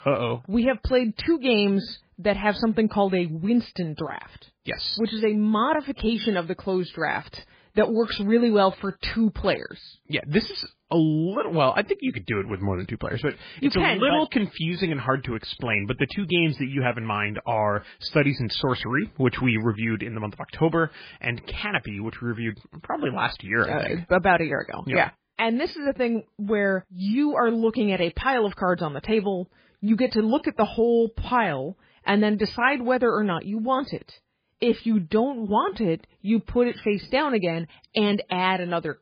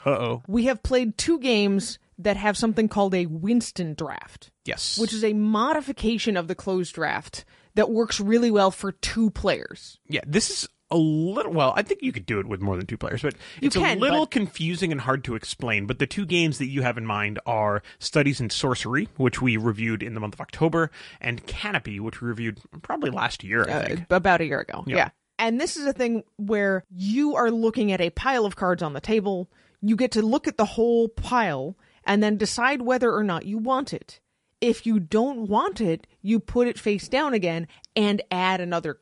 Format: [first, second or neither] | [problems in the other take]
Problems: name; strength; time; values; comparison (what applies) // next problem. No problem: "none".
second | garbled, watery; badly; nothing above 4.5 kHz; slightly in the second